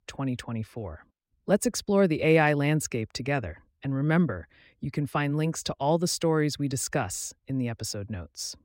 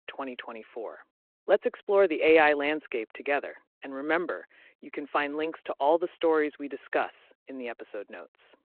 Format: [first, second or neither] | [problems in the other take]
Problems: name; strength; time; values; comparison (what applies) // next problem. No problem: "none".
first | phone-call audio